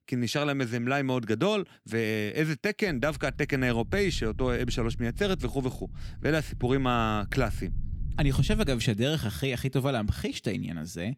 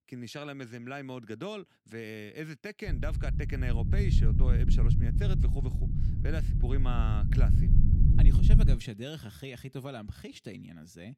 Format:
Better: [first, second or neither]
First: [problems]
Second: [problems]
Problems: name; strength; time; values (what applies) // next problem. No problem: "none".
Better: first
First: low rumble; faint; from 3 to 9 s; 25 dB below the speech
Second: low rumble; loud; from 3 to 9 s; 1 dB below the speech